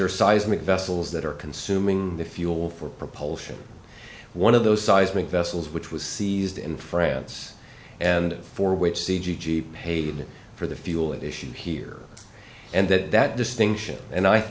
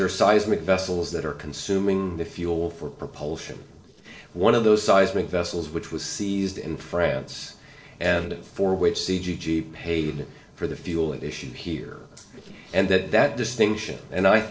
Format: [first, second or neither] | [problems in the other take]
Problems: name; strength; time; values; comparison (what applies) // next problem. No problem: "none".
first | noise reduction (neural separator model SepFormer DNS4)